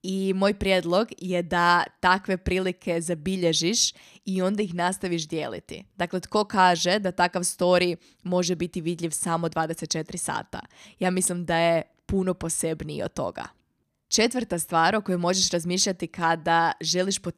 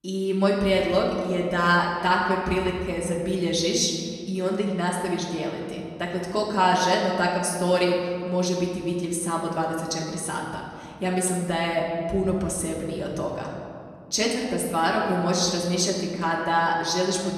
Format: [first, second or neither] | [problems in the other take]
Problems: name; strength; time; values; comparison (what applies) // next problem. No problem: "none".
first | room echo; noticeable; dies away in 1.9 s // off-mic speech; far